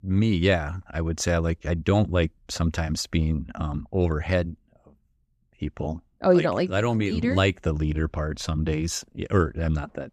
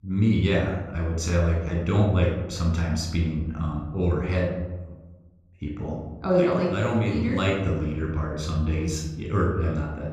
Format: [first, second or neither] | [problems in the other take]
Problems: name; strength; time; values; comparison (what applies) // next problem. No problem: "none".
first | off-mic speech; somewhat distant // room echo; noticeable; dies away in 1.1 s